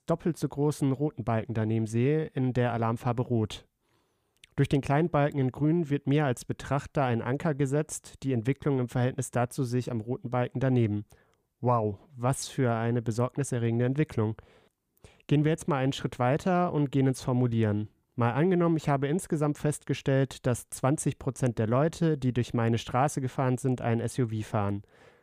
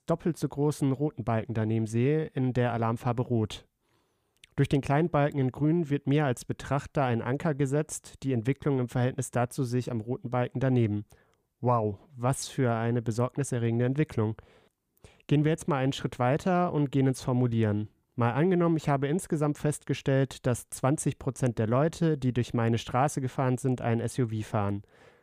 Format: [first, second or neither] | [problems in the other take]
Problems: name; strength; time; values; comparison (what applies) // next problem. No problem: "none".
neither | none